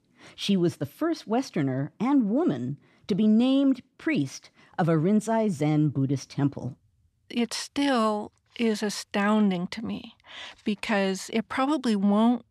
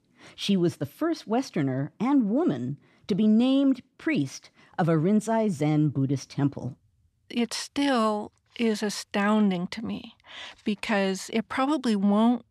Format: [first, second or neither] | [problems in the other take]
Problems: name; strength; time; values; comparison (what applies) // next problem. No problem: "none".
neither | none